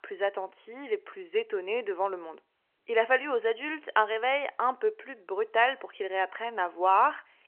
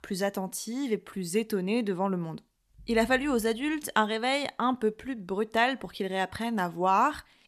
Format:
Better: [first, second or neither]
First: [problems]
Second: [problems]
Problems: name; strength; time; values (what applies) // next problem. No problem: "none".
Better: second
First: phone-call audio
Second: none